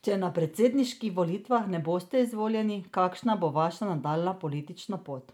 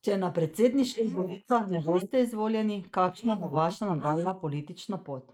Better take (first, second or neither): first